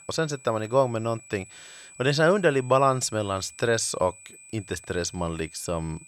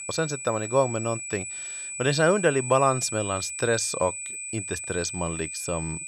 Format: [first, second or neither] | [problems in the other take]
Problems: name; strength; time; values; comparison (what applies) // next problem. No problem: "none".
first | high-pitched whine; loud; throughout; 8 kHz, 6 dB below the speech; faint in the first